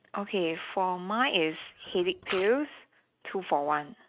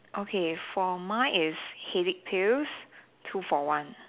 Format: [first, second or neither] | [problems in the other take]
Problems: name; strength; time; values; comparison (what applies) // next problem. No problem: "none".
second | noise reduction (neural mask model RNNoise)